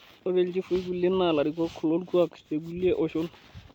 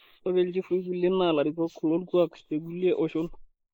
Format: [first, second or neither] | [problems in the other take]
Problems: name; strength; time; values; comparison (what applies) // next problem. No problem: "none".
first | noise reduction (neural mask model Resemble Enhance denoiser)